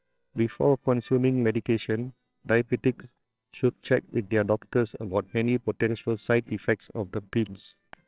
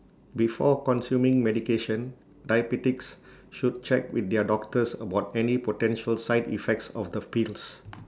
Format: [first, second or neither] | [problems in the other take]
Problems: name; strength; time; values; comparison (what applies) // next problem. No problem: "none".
second | noise reduction (neural separator model SepFormer WHAMR!)